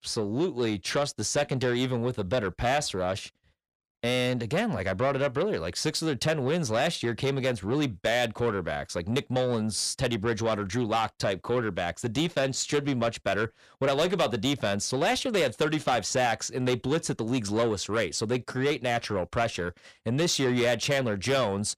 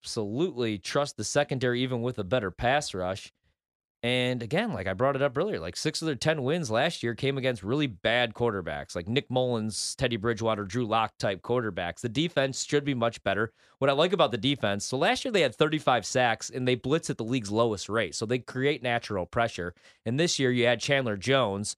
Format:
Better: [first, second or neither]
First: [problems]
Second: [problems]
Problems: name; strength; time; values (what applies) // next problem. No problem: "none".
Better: second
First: distortion; slight; 10 dB below the speech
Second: none